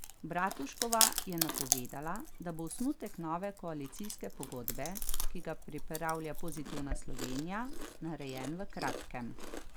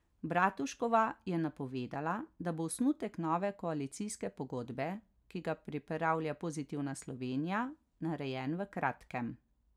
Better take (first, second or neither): second